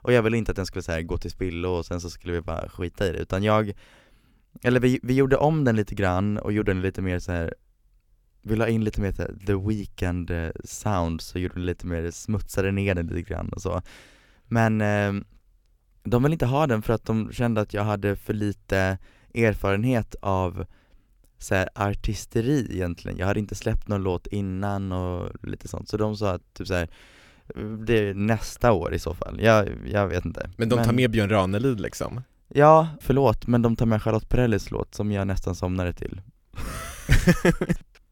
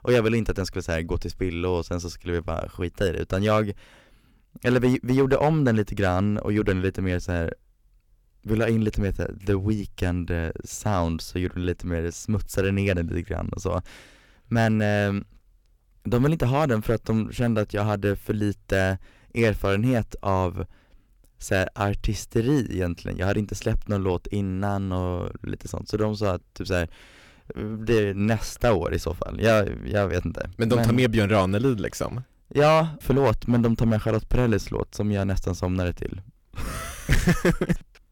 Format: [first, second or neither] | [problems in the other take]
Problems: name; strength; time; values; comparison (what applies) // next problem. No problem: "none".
first | distortion; slight; 2% of the sound clipped